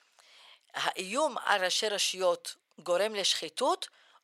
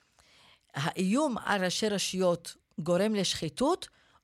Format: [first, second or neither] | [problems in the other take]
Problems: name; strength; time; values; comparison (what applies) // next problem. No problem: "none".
second | thin; very; fading below 600 Hz